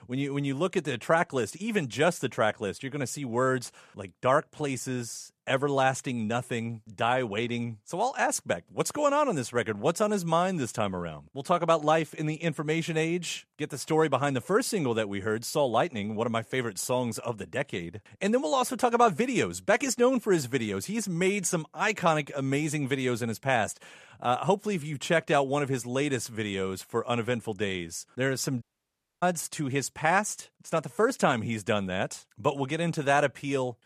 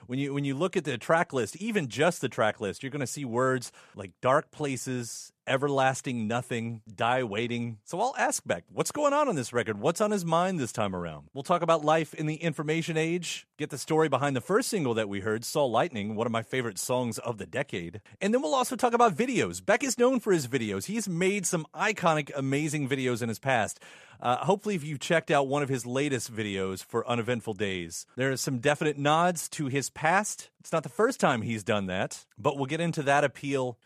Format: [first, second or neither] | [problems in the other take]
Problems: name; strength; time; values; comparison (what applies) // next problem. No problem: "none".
second | audio cutting out; at 29 s for 0.5 s